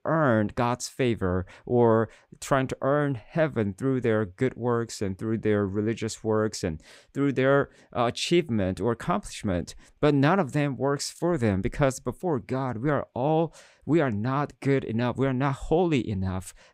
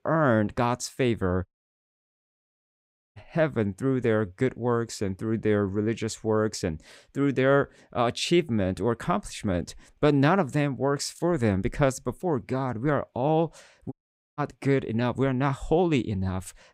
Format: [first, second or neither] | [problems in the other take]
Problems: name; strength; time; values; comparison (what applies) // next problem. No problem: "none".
first | audio cutting out; at 1.5 s for 1.5 s and at 14 s